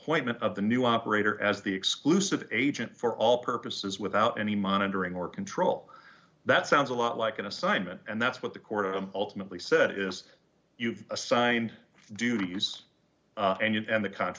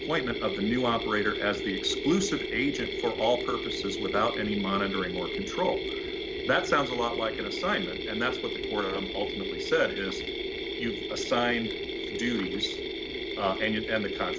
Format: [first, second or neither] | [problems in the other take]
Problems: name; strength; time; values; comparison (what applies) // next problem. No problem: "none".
first | background sound (Mechanisms); 3 dB below the speech